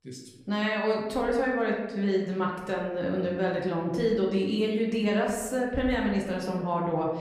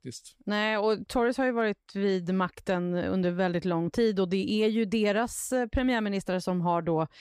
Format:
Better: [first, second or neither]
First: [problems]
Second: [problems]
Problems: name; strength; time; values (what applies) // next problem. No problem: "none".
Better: second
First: room echo; noticeable; dies away in 1 s // off-mic speech; somewhat distant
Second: none